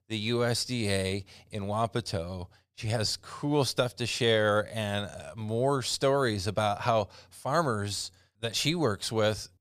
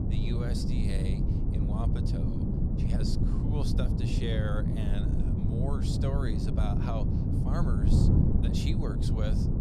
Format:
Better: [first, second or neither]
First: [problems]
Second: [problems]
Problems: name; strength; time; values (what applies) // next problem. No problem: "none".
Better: first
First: none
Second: wind noise on the microphone; heavy; 2 dB above the speech